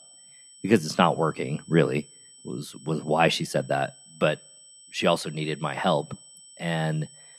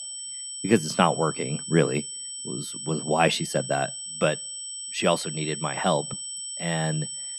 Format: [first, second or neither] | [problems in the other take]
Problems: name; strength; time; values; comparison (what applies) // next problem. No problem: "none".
first | high-pitched whine; loud; throughout; 8 kHz, 7 dB below the speech; faint in the first